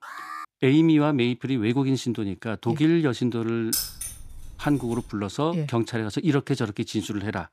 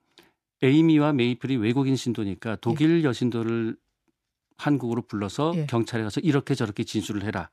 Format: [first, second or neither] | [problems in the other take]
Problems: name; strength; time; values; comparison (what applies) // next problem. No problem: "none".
second | alarm; faint; at the start; peak 10 dB below the speech // jangling keys; noticeable; from 3.5 to 5 s; peak 2 dB below the speech